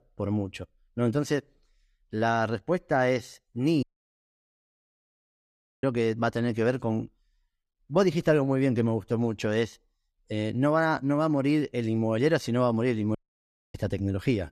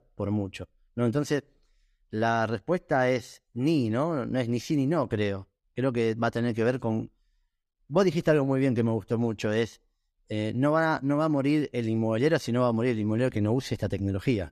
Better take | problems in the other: second | audio cutting out; at 4 s for 2 s and at 13 s for 0.5 s

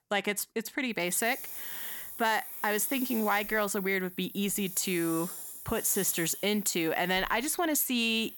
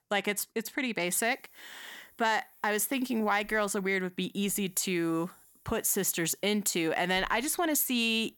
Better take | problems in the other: second | hiss; loud; throughout; 9 dB below the speech; faint in the second

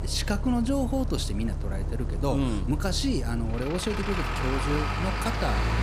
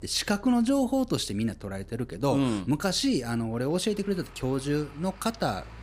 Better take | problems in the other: second | traffic noise; loud; throughout; 1 dB below the speech; faint in the second

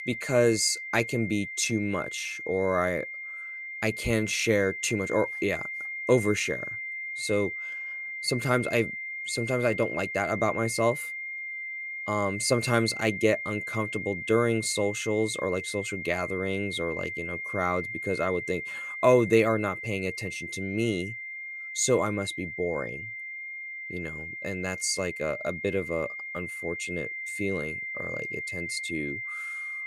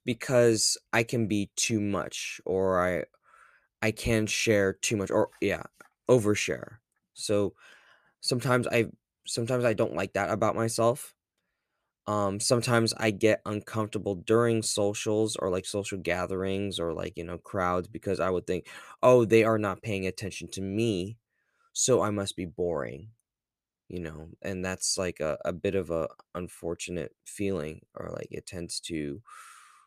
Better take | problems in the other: second | high-pitched whine; loud; throughout; 2 kHz, 6 dB below the speech

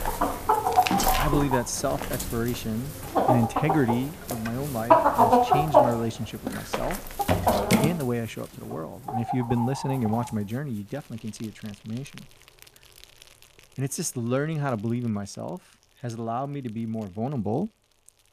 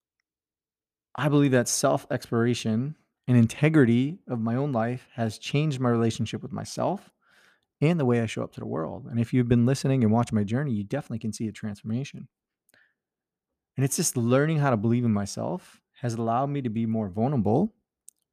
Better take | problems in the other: second | animal sounds; very loud; throughout; 4 dB above the speech

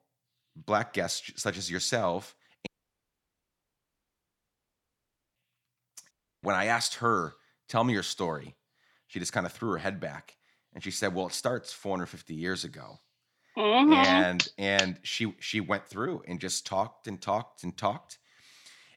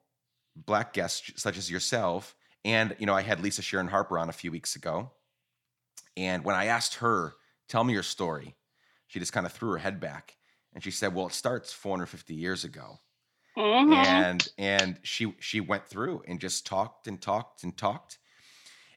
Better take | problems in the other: second | audio cutting out; at 2.5 s for 2.5 s and at 6 s

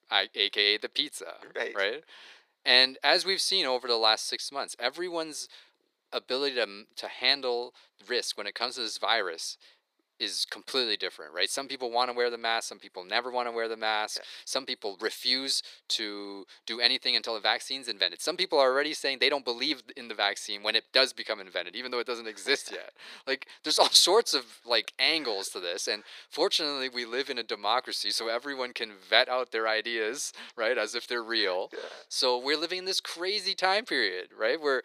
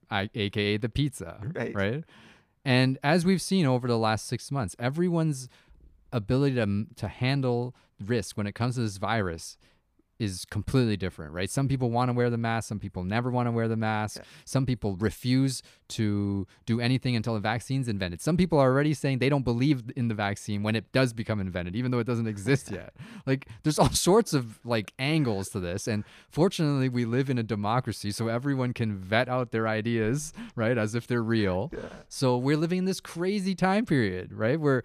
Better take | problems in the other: second | thin; very; fading below 400 Hz

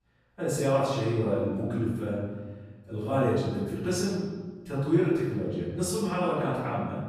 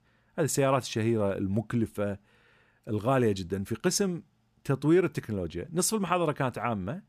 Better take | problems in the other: second | off-mic speech; far // room echo; strong; dies away in 1.4 s

